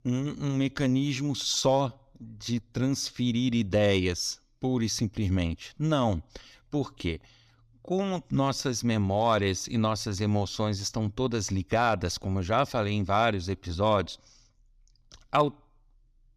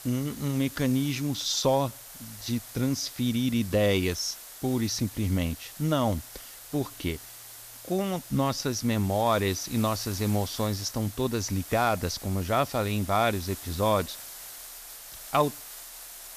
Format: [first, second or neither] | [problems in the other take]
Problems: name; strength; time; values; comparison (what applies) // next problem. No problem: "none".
first | hiss; noticeable; throughout; 15 dB below the speech